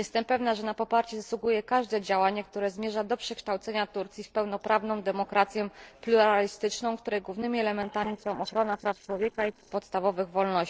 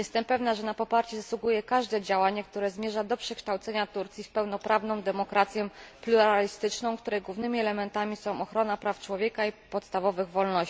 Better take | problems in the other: second | noise reduction (neural separator model SepFormer DNS4)

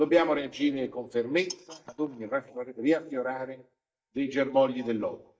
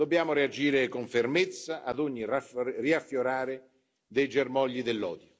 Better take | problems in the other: second | noise reduction (neural mask model DeepFilterNet 3)

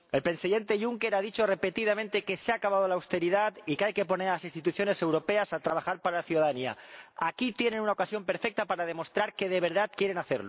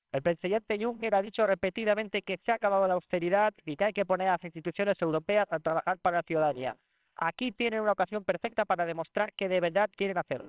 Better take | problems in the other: first | noise reduction (neural separator model SepFormer WHAMR!)

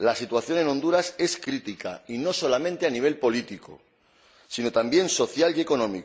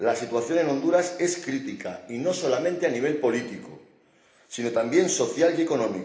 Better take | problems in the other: first | room echo; dies away in 1 s

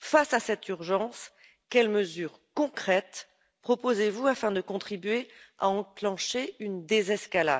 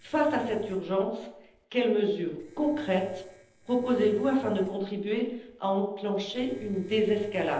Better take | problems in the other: first | noise reduction (neural separator model SepFormer DNS4)

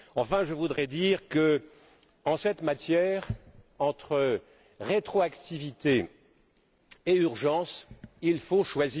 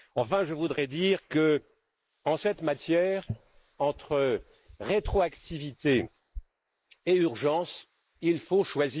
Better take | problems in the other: first | noise reduction (neural mask model Resemble Enhance denoiser)

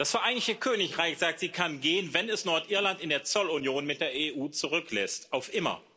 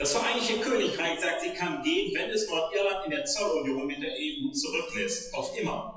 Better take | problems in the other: first | noise reduction (classical method WPE with log-MMSE)

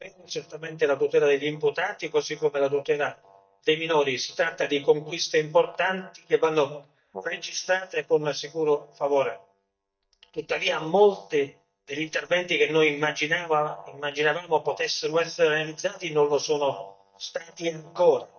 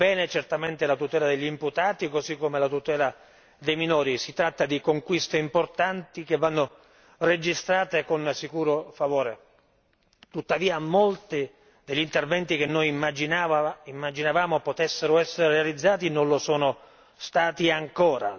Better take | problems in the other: second | noise reduction (neural mask model DeepFilterNet 3)

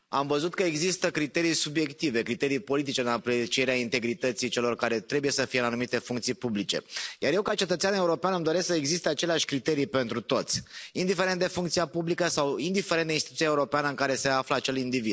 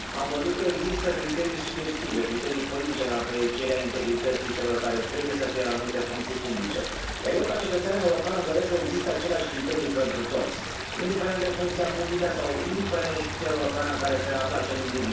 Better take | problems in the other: first | background sound (Stream); 5 dB below the speech // room echo; dies away in 0.7 s

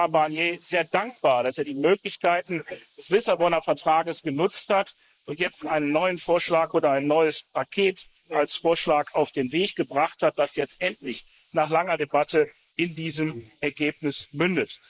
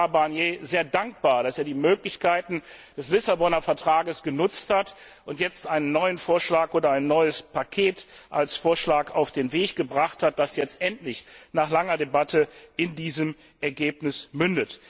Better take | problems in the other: second | noise reduction (neural mask model Resemble Enhance denoiser)

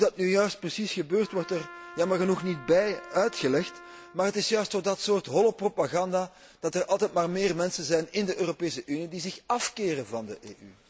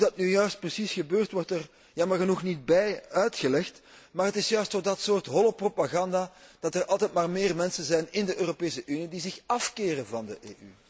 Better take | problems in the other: second | background sound (Trumpet); 18 dB below the speech

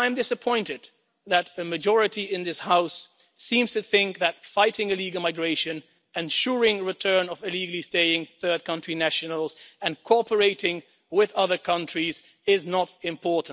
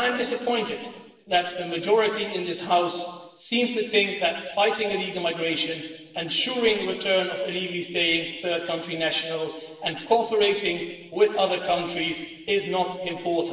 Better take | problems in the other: first | room echo; dies away in 1.3 s

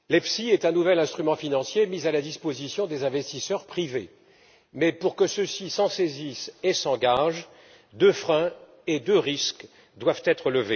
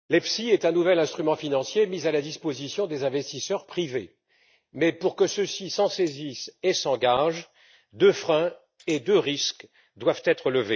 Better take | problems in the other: first | noise reduction (neural mask model DeepFilterNet 3)

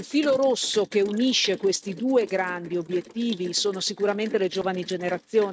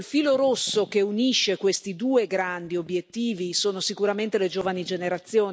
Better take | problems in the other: second | noise reduction (neural mask model RNNoise)

